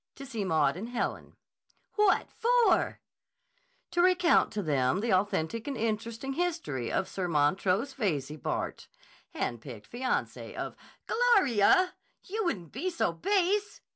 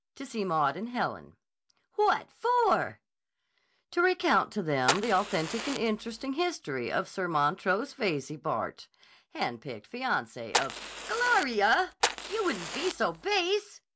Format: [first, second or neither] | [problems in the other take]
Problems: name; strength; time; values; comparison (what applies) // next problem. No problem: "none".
first | background sound (Fire); 5 dB below the speech